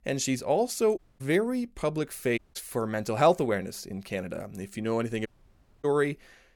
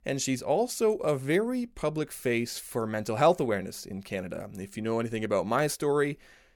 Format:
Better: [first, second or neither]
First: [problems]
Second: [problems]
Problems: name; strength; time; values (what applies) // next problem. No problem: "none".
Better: second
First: audio cutting out; at 1 s, at 2.5 s and at 5.5 s for 0.5 s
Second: none